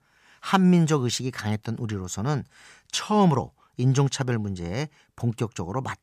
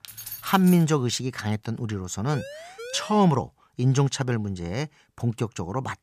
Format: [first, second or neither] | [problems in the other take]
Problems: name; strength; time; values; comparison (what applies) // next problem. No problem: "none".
first | jangling keys; noticeable; at the start; peak 10 dB below the speech // siren; faint; from 2.5 to 3.5 s; peak 15 dB below the speech